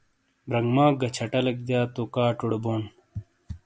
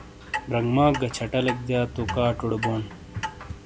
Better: first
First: none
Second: background sound (Clock); 9 dB below the speech

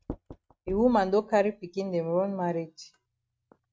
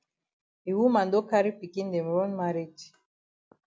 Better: second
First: noise reduction (neural mask model RNNoise)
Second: none

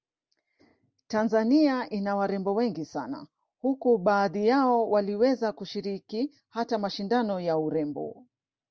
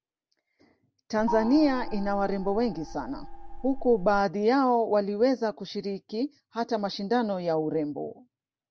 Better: first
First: none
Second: background sound (Gong); 8 dB below the speech

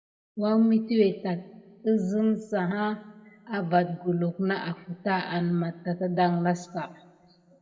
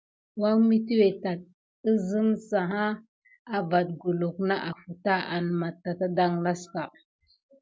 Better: second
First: room echo; dies away in 1 s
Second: none

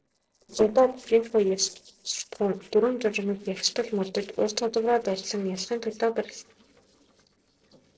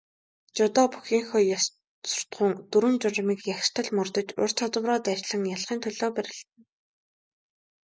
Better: second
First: noise reduction (neural separator model SepFormer DNS4)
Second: none

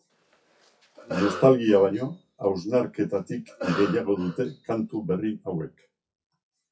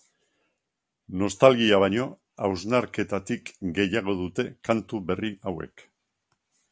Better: second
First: noise reduction (classical method WPE with log-MMSE)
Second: none

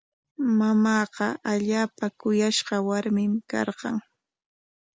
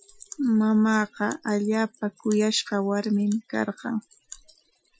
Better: first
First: none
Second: noise reduction (classical method Wiener filter)

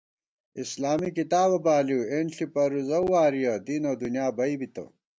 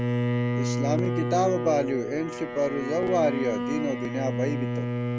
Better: first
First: none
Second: background sound (Bowed string instrument); as loud as the speech

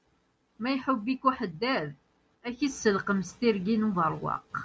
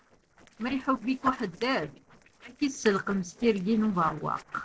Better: first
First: none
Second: noise reduction (neural separator model SepFormer DNS4)

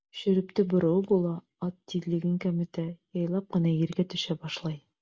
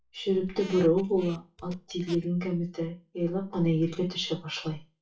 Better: first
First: none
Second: noise reduction (classical method WPE with log-MMSE)

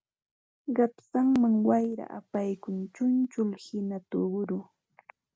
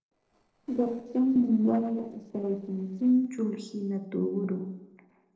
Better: first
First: none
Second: noise reduction (neural separator model SepFormer DNS4)

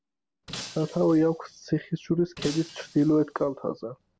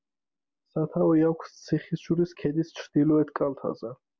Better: second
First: background sound (Shatter); 18 dB below the speech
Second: none

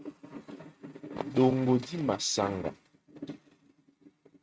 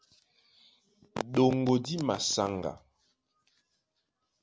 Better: second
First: noise reduction (neural mask model RNNoise)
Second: none

